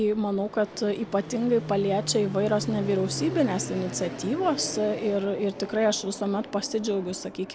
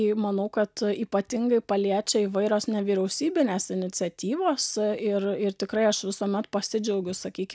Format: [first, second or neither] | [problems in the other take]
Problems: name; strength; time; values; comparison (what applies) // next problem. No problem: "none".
second | background sound (Fixed-wing aircraft, airplane); 11 dB below the speech